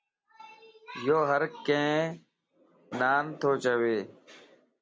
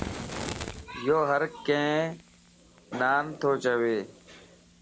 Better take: first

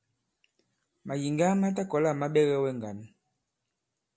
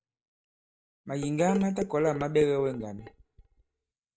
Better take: first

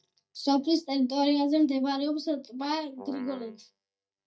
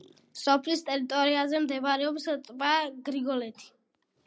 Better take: second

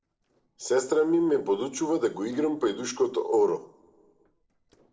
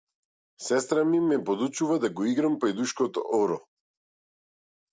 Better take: second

